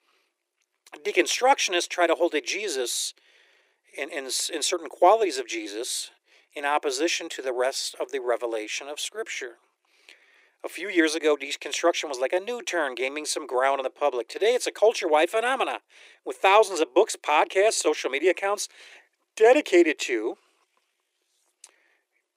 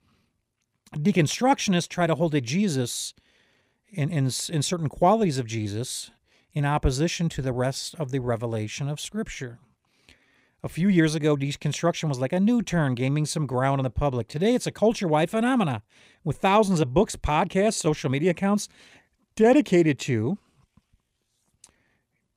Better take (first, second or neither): second